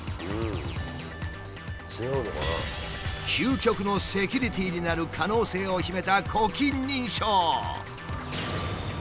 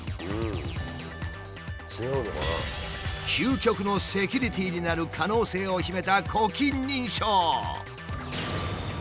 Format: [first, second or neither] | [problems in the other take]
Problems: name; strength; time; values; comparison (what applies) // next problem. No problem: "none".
second | background sound (Water tap, faucet / Water + Bird / Fowl); 16 dB below the speech